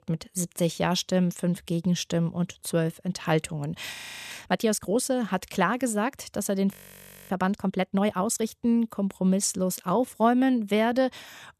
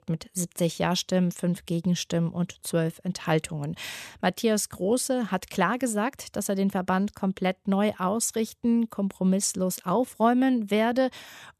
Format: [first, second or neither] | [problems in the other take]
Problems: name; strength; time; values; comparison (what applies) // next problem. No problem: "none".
second | audio freezing; at 4 s and at 6.5 s for 0.5 s